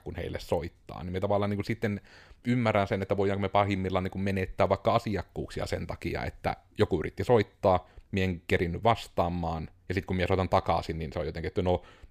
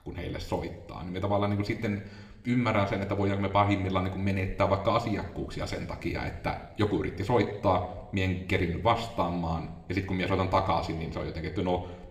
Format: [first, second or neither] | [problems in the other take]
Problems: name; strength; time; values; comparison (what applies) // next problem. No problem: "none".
first | room echo; slight; dies away in 1 s